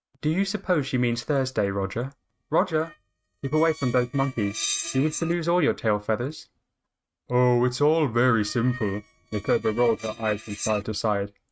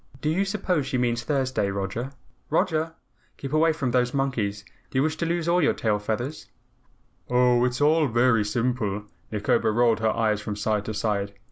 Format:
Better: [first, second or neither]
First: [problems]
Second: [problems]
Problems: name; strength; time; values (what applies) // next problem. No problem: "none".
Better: second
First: noise reduction (neural mask model RNNoise)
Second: none